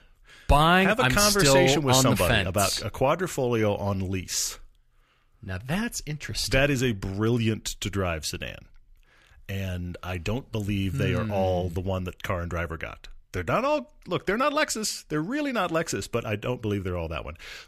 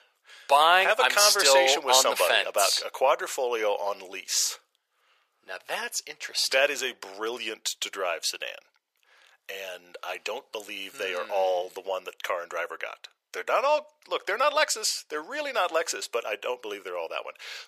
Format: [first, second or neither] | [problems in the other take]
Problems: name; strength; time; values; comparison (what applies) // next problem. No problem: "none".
first | thin; very; fading below 500 Hz